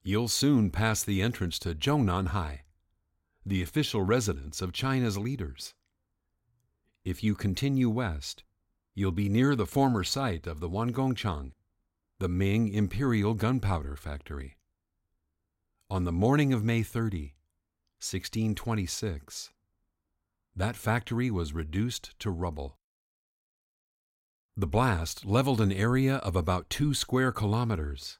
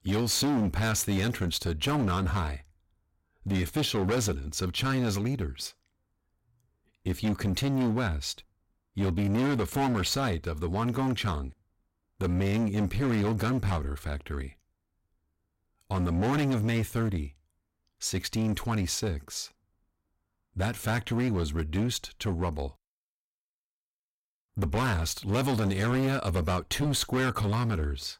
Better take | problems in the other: first | distortion; heavy; 15% of the sound clipped

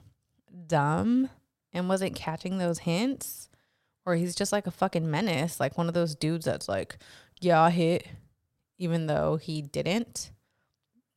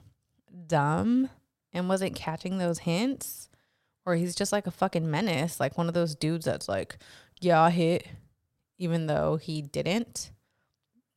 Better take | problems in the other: neither | none

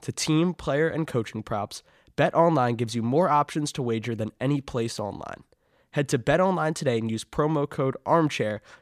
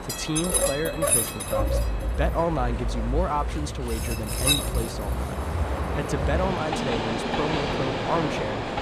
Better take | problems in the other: first | train or aircraft noise; very loud; throughout; 4 dB above the speech

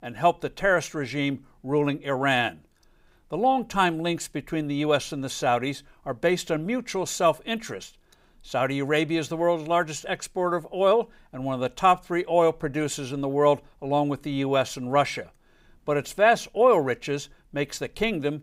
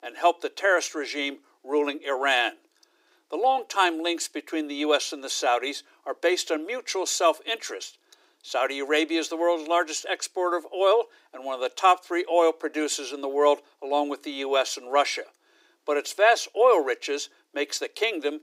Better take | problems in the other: first | thin; somewhat; fading below 300 Hz

